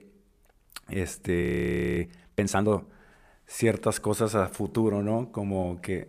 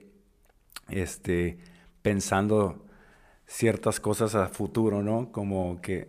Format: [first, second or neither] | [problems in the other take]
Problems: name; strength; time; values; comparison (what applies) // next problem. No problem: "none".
second | audio freezing; at 1.5 s for 0.5 s